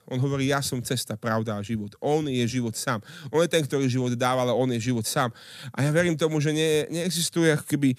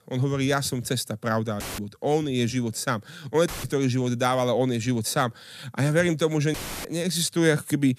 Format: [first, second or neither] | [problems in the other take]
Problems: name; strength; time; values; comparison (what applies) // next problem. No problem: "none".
first | audio cutting out; filled with static; at 1.5 s, at 3.5 s and at 6.5 s